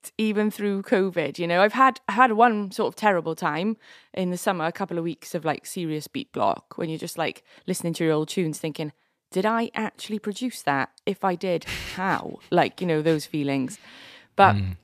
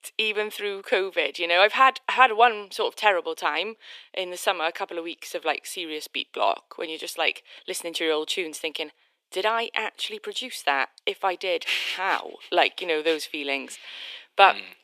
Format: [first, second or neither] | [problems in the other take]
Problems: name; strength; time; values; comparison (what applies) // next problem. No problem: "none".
first | thin; very; fading below 400 Hz